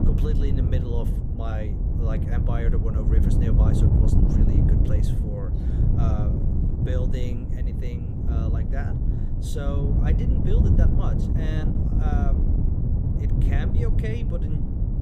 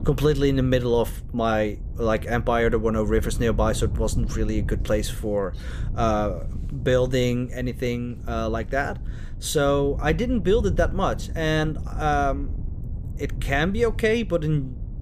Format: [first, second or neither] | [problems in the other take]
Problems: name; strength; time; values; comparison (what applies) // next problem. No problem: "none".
second | wind noise on the microphone; heavy; 2 dB above the speech; occasional gusts in the second